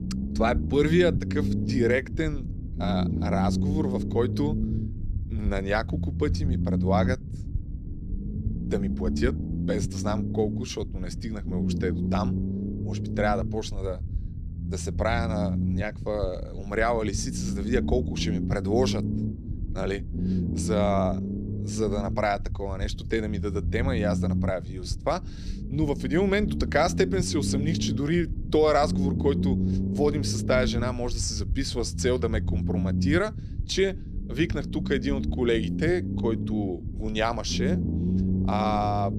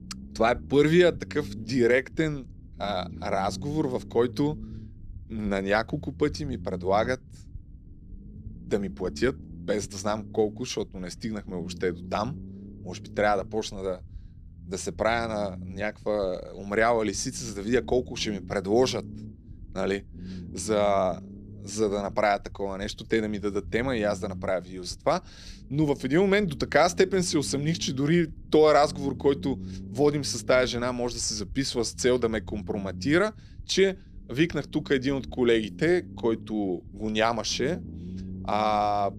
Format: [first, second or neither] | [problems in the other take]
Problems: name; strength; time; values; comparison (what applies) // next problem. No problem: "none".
second | low rumble; loud; throughout; 9 dB below the speech; faint in the second